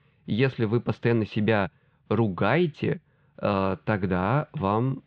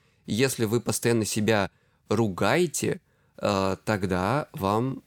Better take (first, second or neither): second